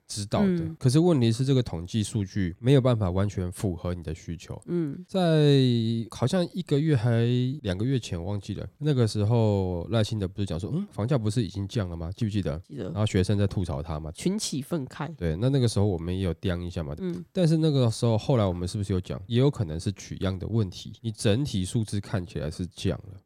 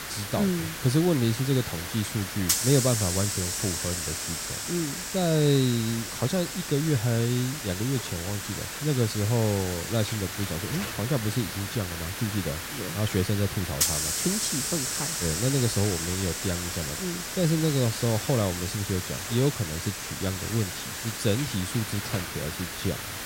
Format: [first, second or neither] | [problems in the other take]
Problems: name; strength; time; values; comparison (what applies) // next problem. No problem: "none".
first | hiss; loud; throughout; 2 dB below the speech